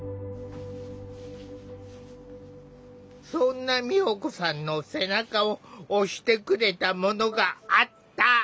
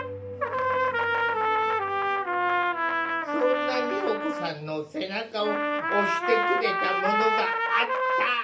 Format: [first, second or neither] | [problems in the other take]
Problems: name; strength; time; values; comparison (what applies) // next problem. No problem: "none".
first | background sound (Trumpet); 4 dB above the speech // room echo; dies away in 0.3 s